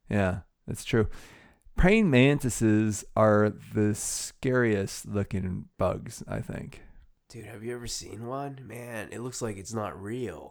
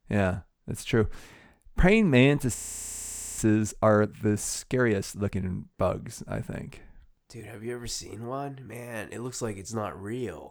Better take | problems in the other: first | audio freezing; at 2.5 s for 1 s

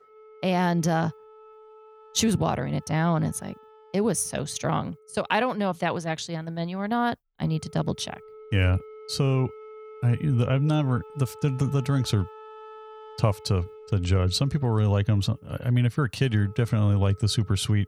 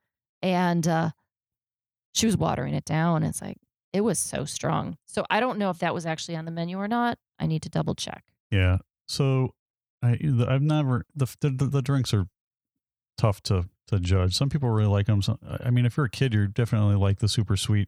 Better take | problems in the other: second | background music; faint; throughout; 20 dB below the speech

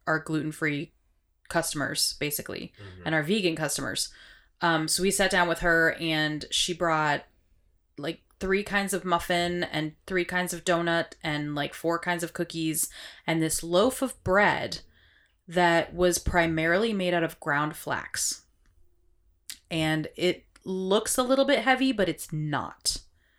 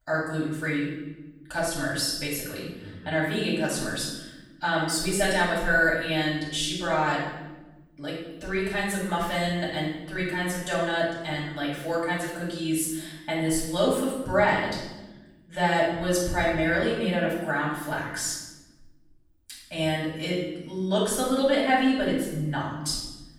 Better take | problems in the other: first | off-mic speech; far // room echo; noticeable; dies away in 1 s

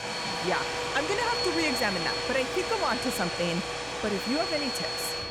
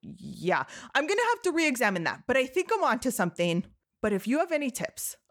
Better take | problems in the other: second | household noises; very loud; throughout; 1 dB above the speech

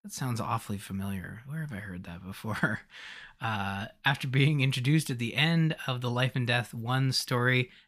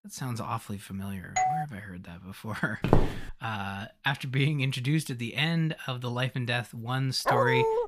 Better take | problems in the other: first | doorbell; loud; at 1.5 s; peak 3 dB above the speech // footsteps; loud; at 3 s; peak 5 dB above the speech // dog barking; loud; at 7.5 s; peak 6 dB above the speech

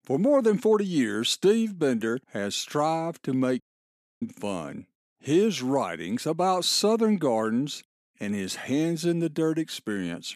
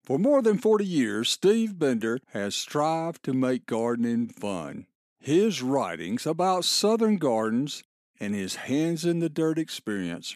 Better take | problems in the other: second | audio cutting out; at 3.5 s for 0.5 s

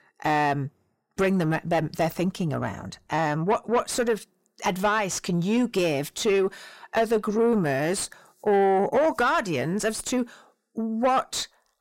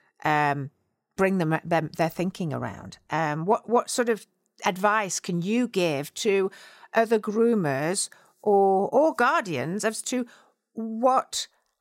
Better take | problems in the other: second | distortion; slight; 10 dB below the speech

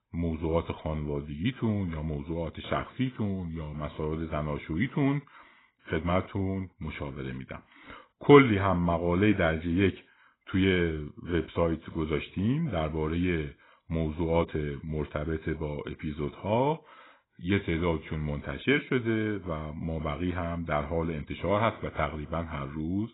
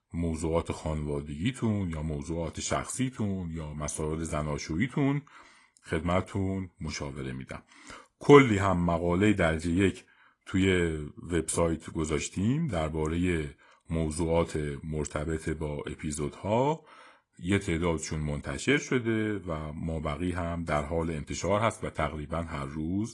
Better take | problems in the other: second | garbled, watery; badly; nothing above 3.5 kHz; slightly in the second

